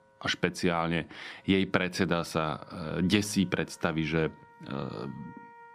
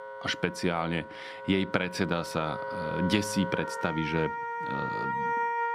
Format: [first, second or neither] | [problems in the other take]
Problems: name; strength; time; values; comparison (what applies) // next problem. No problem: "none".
first | background music; loud; throughout; 4 dB below the speech; faint in the first